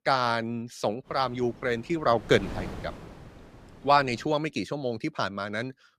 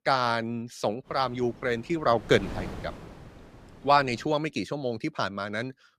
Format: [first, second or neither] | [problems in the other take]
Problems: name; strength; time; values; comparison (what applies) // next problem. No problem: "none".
neither | wind noise on the microphone; occasional gusts; from 1 to 4.5 s; 20 dB below the speech; the same in both